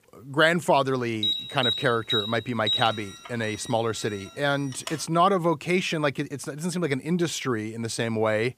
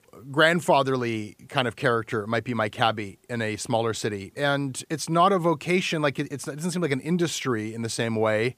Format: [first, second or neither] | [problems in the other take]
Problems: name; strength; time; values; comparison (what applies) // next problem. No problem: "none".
second | alarm; loud; from 1 to 5 s; peak 1 dB above the speech